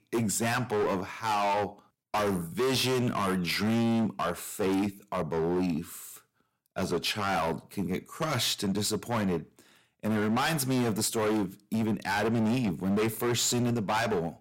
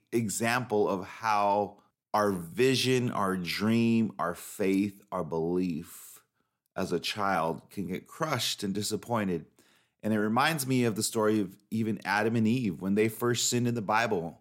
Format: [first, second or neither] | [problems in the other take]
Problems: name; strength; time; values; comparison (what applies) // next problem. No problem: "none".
second | distortion; heavy; 20% of the sound clipped